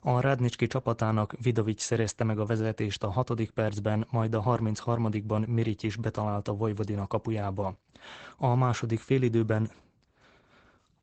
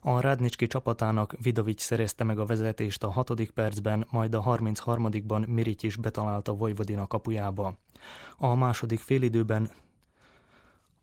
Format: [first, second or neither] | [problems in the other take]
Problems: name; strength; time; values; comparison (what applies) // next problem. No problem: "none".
second | garbled, watery; badly; nothing above 8 kHz; slightly in the second